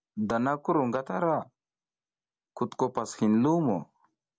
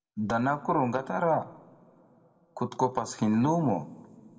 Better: first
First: none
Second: room echo; dies away in 1.6 s

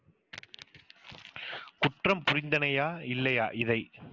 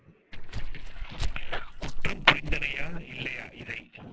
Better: first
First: none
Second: noise reduction (neural separator model SepFormer DNS4)

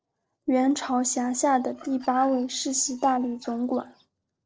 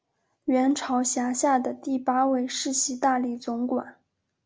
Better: second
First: noise reduction (neural separator model SepFormer DNS4)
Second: none

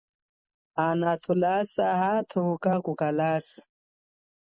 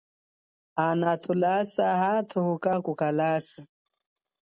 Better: second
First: noise reduction (neural mask model Resemble Enhance denoiser)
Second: none

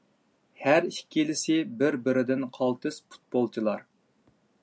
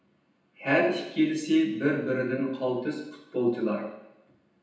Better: first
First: none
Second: room echo; dies away in 0.9 s

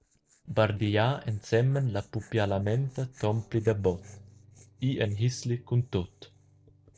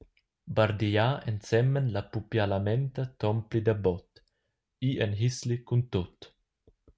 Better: second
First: noise reduction (neural separator model SepFormer DNS4)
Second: none

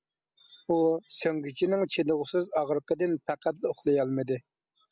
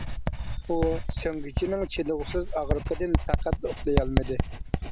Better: first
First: none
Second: background sound (Writing); 2 dB above the speech

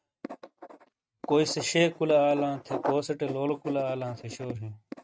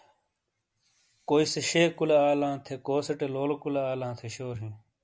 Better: second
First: noise reduction (neural mask model RNNoise)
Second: none

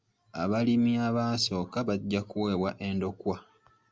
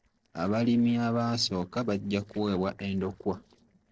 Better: first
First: none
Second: noise reduction (neural separator model SepFormer DNS4)

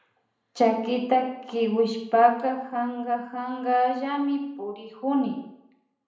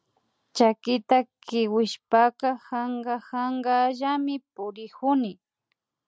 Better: second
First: room echo; dies away in 0.7 s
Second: none

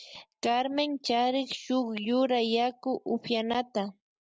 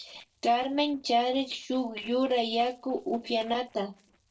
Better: first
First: none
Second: noise reduction (neural separator model SepFormer DNS4)

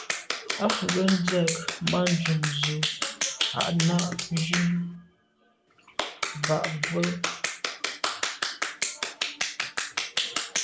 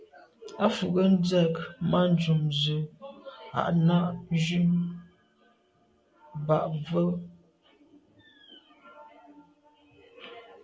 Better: second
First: background sound (Clapping); 2 dB below the speech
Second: none

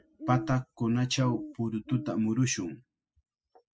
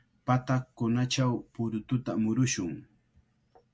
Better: second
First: noise reduction (classical method spectral subtraction)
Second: none

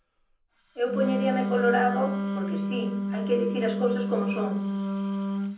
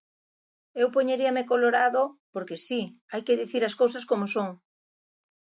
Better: second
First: background sound (Wind instrument, woodwind instrument); as loud as the speech // room echo; dies away in 0.6 s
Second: none

